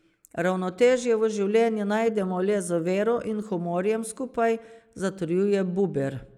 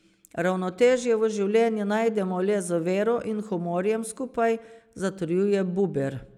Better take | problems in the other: second | noise reduction (neural mask model Resemble Enhance denoiser)

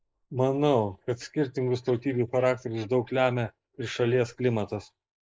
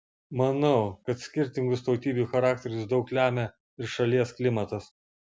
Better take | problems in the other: second | noise reduction (neural mask model Resemble Enhance denoiser)

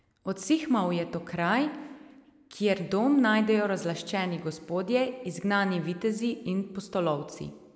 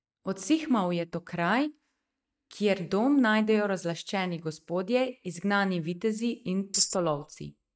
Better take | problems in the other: first | noise reduction (neural mask model DeepFilterNet 3)

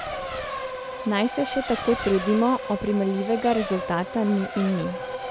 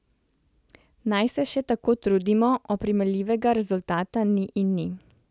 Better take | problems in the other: second | background sound (Race car, auto racing); 7 dB below the speech

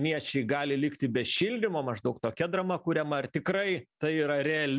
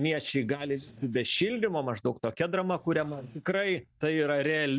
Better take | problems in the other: first | noise reduction (neural mask model DeepFilterNet 3)

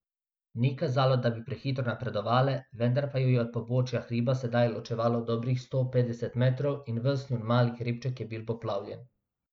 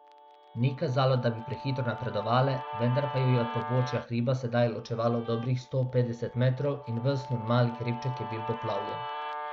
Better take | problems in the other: first | background sound (Guitar); 11 dB below the speech

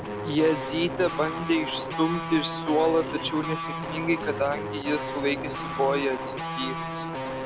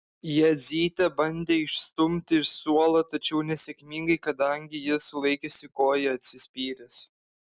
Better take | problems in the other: second | background sound (Guitar); 5 dB below the speech

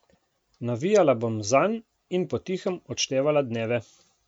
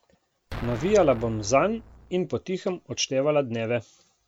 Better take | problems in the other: first | background sound (Explosion); 14 dB below the speech

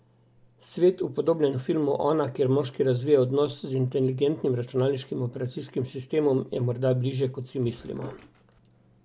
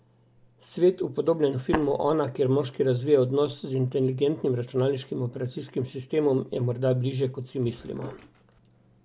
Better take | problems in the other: first | background sound (Tap); 6 dB below the speech

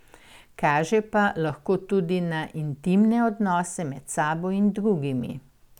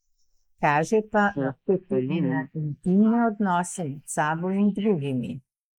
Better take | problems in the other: first | noise reduction (neural mask model Resemble Enhance denoiser)

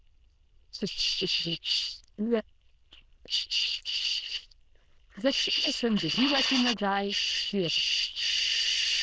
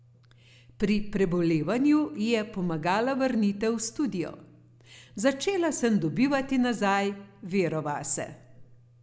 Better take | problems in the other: second | noise reduction (neural diffusion model UNIVERSE++)

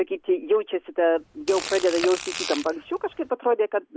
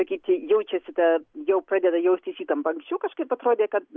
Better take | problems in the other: second | background sound (Fart); 10 dB below the speech

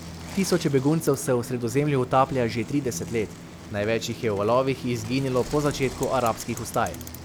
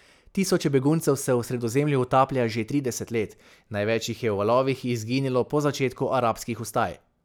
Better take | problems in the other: second | background sound (Bicycle); 13 dB below the speech

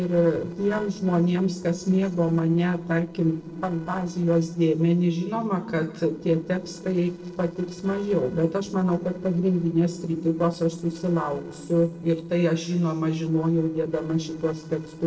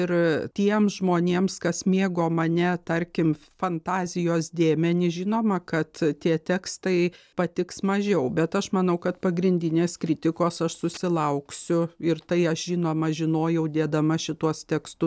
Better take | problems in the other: second | noise reduction (neural separator model SepFormer DNS4)

